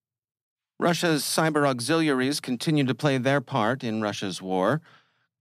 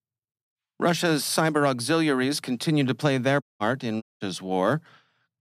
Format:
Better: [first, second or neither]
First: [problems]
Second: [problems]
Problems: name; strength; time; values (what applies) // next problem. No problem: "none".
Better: first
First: none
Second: audio cutting out; at 3.5 s and at 4 s